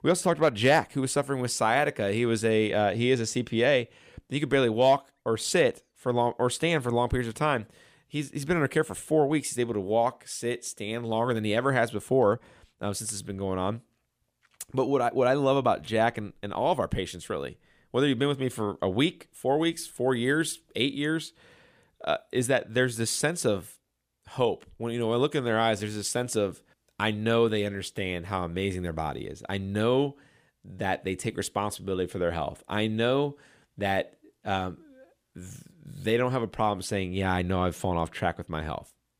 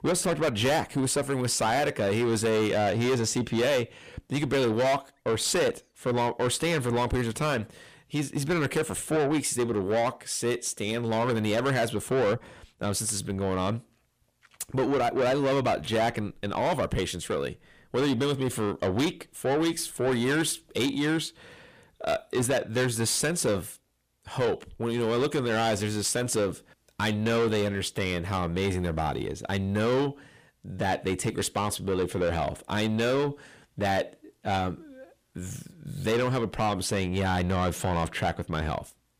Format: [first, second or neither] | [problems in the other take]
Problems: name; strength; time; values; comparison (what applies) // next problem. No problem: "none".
first | distortion; heavy; 7 dB below the speech